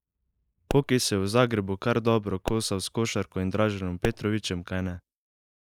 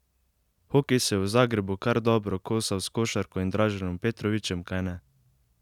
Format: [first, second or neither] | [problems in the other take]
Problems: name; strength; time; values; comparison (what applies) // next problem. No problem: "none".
second | noise reduction (neural mask model Resemble Enhance denoiser)